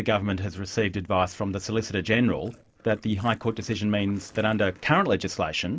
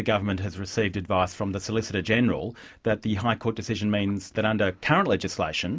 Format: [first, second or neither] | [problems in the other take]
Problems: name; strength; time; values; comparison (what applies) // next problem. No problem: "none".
second | noise reduction (neural separator model SepFormer DNS4)